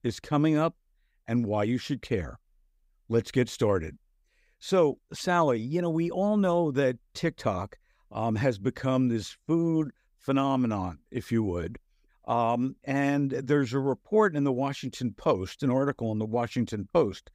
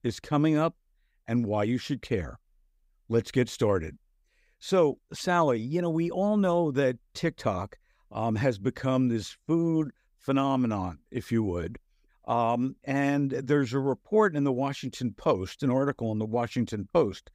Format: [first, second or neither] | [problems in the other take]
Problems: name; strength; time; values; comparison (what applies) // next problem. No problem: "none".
neither | none